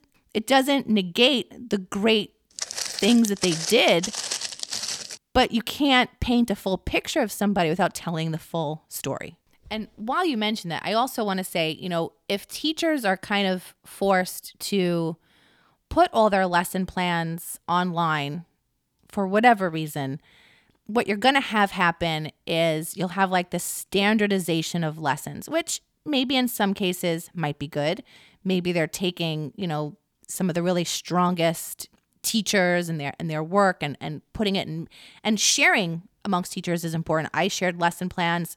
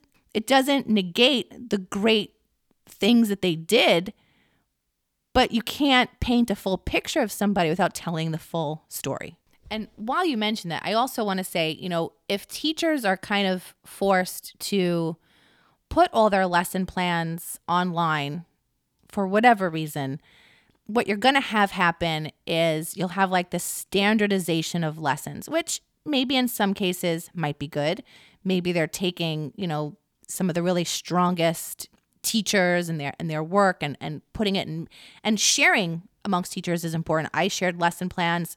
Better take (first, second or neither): second